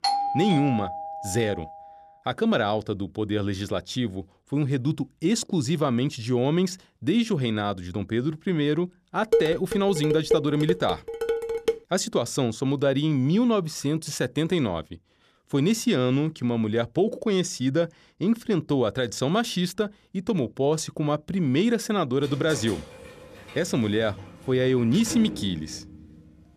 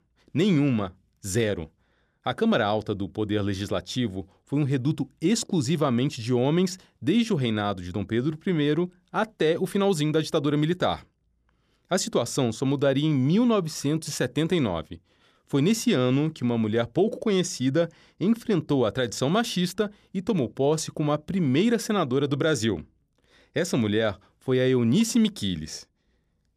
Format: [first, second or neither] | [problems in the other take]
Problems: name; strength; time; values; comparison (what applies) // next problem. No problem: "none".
second | doorbell; loud; until 1.5 s; peak 1 dB above the speech // clattering dishes; loud; from 9.5 to 12 s; peak 1 dB above the speech // door banging; noticeable; from 22 s on; peak 8 dB below the speech